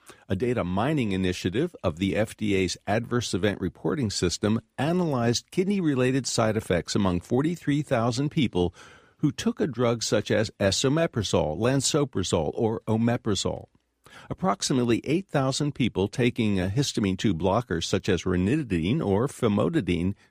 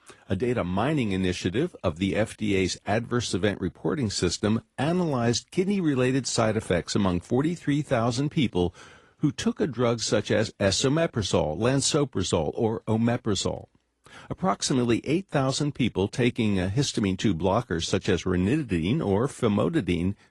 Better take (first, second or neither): first